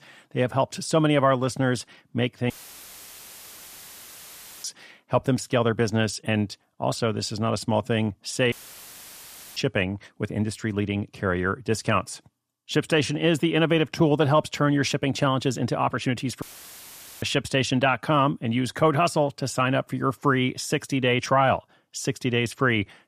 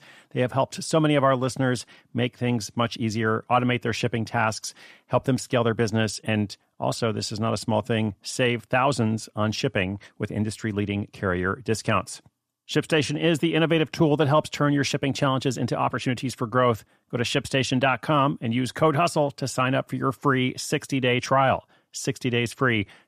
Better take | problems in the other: second | audio cutting out; filled with static; at 2.5 s for 2 s, at 8.5 s for 1 s and at 16 s for 1 s

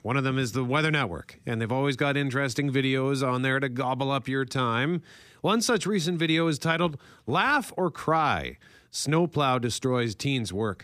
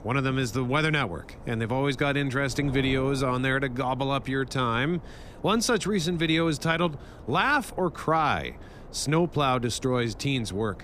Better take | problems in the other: first | wind noise on the microphone; occasional gusts; 20 dB below the speech

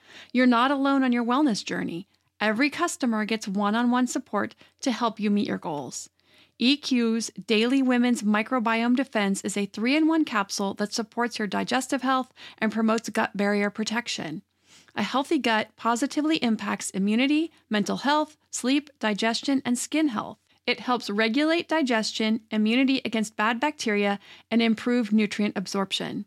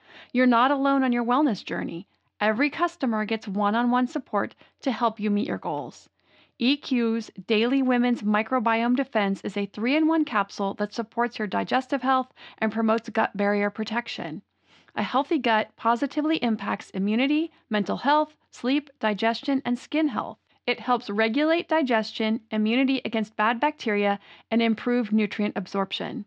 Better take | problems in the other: first | muffled; slightly; fading above 4 kHz

